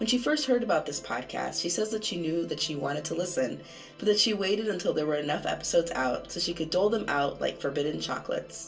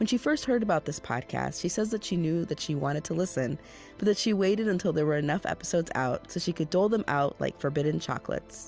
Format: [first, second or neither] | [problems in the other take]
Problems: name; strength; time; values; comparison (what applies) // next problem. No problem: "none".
second | room echo; dies away in 0.2 s